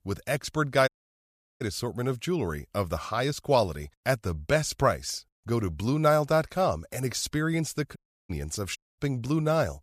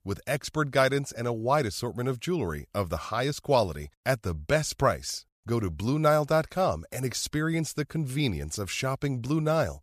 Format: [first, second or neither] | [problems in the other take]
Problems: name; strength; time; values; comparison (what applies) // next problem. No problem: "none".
second | audio cutting out; at 1 s for 0.5 s, at 8 s and at 9 s